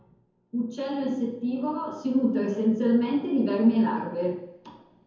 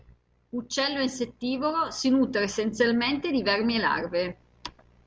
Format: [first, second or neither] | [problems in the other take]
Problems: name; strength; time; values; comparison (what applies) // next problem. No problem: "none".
second | room echo; dies away in 0.9 s